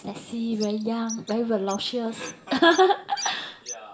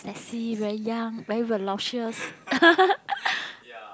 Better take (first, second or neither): second